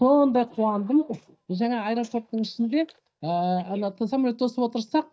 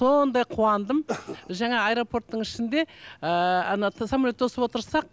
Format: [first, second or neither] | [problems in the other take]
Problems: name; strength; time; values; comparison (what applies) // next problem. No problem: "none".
second | noise reduction (neural mask model DeepFilterNet 3)